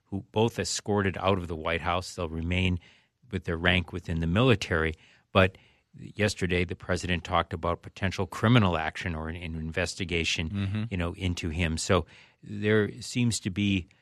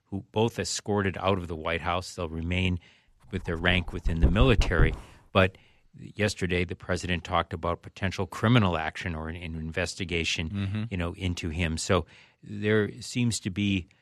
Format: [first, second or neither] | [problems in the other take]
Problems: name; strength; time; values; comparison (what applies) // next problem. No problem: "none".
first | dog barking; loud; from 3.5 to 5 s; peak 2 dB above the speech